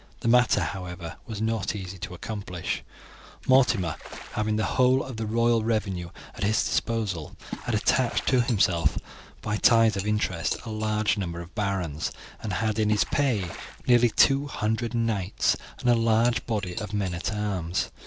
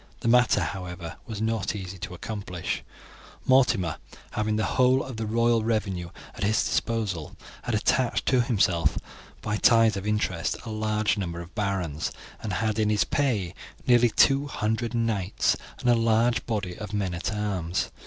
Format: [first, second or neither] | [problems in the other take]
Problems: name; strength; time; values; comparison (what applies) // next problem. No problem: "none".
second | background sound (Cutlery, silverware / Dishes, pots, and pans + Water / Splash, splatter); 16 dB below the speech